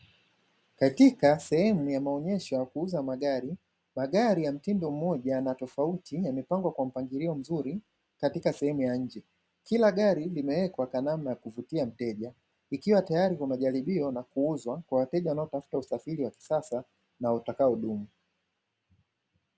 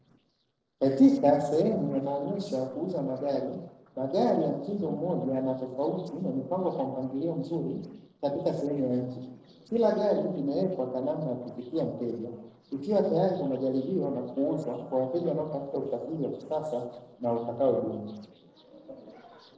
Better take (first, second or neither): first